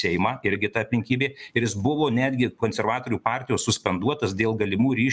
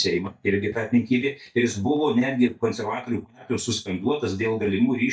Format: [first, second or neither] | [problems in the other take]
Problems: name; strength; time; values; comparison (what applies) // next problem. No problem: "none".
first | noise reduction (neural mask model DeepFilterNet 3)